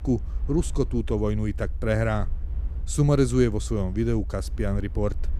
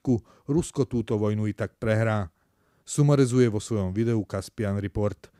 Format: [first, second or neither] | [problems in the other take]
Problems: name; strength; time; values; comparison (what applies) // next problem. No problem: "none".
second | low rumble; faint; throughout; 25 dB below the speech